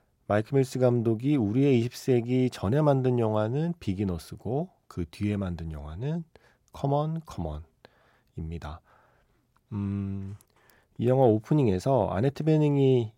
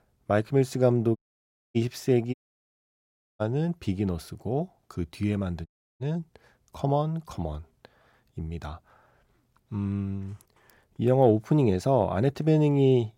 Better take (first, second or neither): first